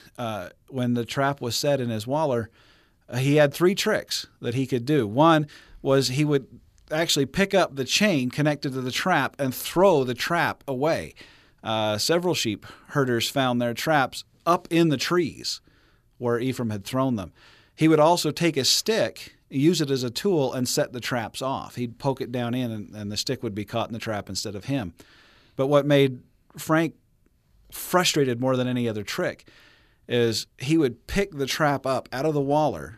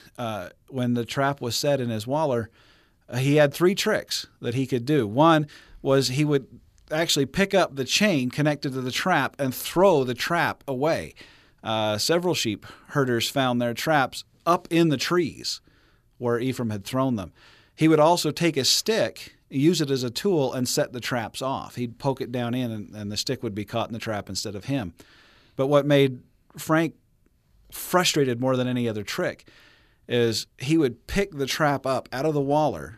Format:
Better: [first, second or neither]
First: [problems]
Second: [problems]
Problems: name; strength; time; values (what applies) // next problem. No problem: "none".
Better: neither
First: none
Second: none